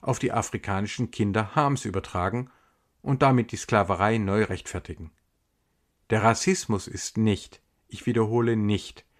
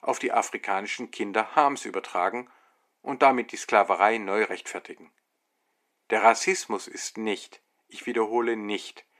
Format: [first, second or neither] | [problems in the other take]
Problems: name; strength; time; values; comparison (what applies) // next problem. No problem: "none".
first | thin; somewhat; fading below 300 Hz